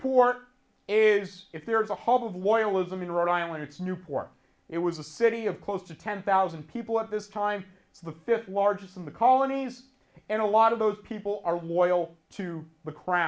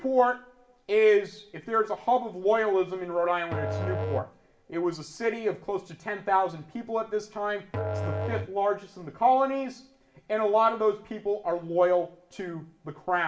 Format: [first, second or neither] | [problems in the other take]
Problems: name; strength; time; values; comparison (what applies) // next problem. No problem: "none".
first | background sound (Musical instrument); 8 dB below the speech // room echo; dies away in 0.5 s